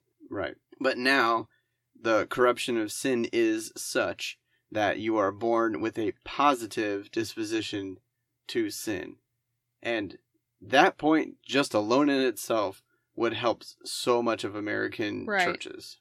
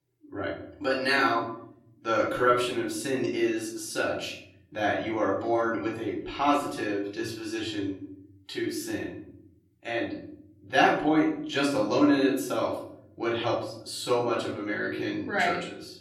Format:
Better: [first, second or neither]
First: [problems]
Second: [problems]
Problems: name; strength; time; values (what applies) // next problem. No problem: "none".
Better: first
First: none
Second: off-mic speech; far // room echo; noticeable; dies away in 0.8 s